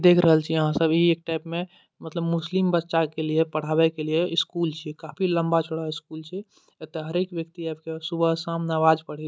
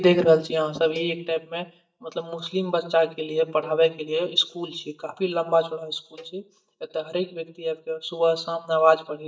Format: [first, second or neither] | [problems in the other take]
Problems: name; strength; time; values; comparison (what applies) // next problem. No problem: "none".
first | noise reduction (neural mask model DeepFilterNet 3)